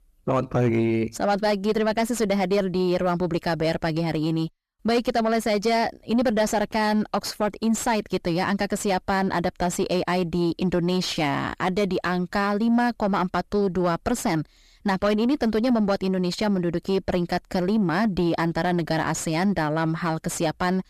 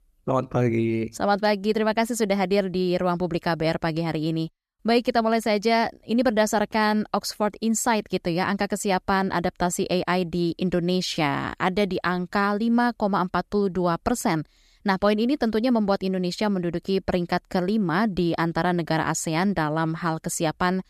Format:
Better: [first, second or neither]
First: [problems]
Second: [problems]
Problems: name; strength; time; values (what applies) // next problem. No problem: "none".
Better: second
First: distortion; slight; 9 dB below the speech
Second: none